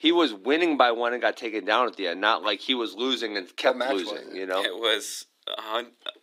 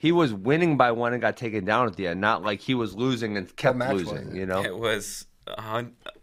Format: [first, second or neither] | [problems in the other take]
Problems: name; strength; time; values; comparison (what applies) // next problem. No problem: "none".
second | thin; very slightly; fading below 300 Hz